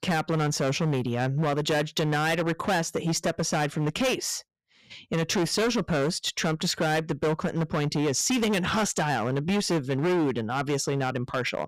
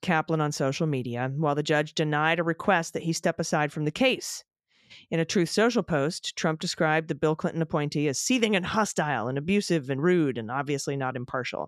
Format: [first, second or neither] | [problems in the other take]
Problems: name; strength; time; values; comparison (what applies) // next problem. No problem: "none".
second | distortion; heavy; 18% of the sound clipped